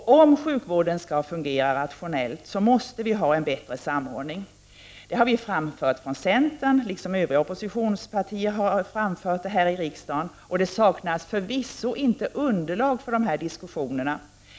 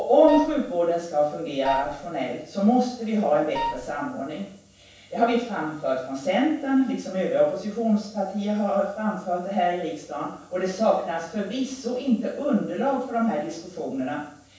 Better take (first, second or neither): first